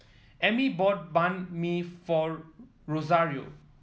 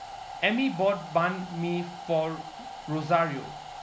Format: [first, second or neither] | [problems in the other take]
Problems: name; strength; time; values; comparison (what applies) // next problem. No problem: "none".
first | background sound (Domestic sounds, home sounds); 12 dB below the speech